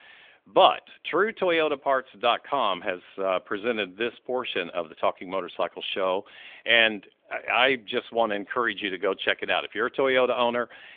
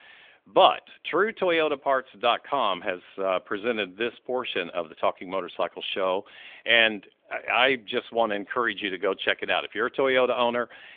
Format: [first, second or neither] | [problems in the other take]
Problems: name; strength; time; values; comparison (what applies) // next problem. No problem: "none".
neither | phone-call audio; nothing above 3.5 kHz; the same in both